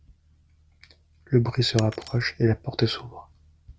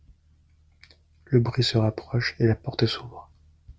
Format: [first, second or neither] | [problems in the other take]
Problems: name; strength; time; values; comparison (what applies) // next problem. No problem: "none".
second | background sound (Shatter); 18 dB below the speech